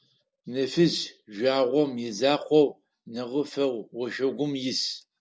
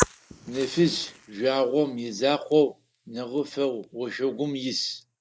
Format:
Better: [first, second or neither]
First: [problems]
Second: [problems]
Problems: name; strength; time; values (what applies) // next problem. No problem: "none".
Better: first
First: none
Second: noise reduction (neural mask model Resemble Enhance denoiser)